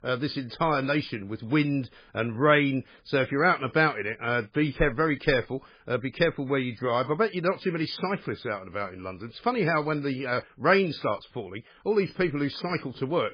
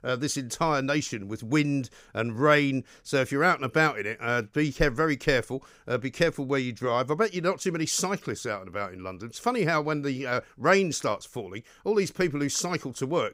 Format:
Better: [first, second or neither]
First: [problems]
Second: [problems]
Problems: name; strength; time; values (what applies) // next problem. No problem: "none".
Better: second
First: garbled, watery; badly; nothing above 5 kHz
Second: none